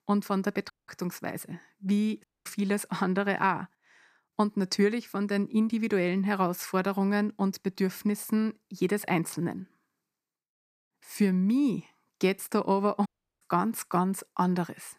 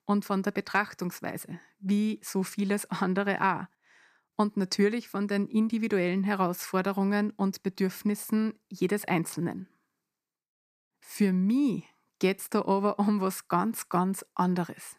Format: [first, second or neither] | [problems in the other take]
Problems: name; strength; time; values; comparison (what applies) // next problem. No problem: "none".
second | audio cutting out; at 0.5 s, at 2 s and at 13 s